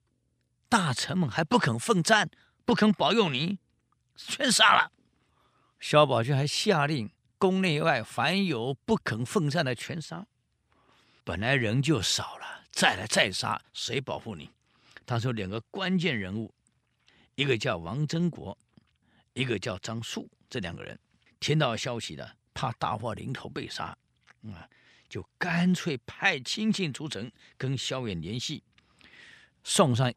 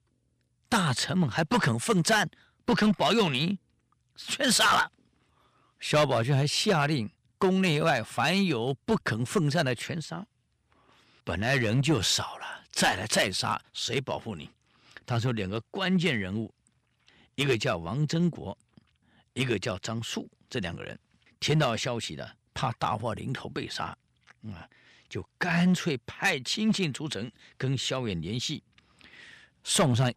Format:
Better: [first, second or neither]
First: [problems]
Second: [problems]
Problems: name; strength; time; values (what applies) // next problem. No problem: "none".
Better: first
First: none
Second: distortion; slight; 3% of the sound clipped